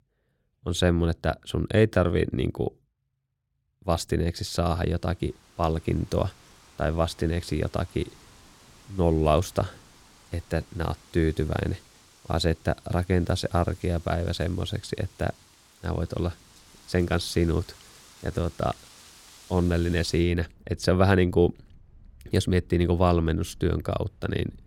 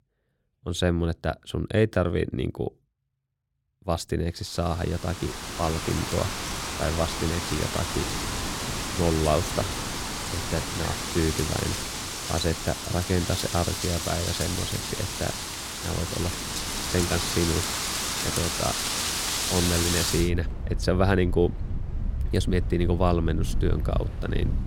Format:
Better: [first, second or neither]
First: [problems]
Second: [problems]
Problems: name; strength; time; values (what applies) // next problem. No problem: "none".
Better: first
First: wind in the background; faint; from 5 s on; 25 dB below the speech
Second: wind in the background; loud; from 5 s on; 1 dB below the speech